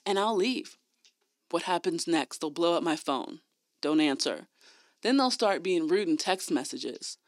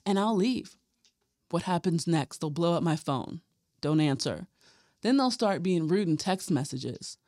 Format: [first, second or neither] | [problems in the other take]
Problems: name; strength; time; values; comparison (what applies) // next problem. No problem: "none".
second | thin; very slightly; fading below 300 Hz